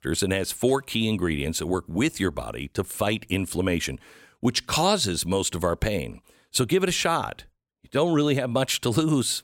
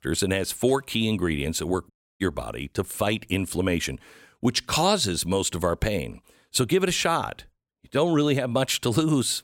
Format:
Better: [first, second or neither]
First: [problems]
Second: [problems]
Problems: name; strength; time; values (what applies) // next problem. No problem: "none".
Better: first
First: none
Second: audio cutting out; at 2 s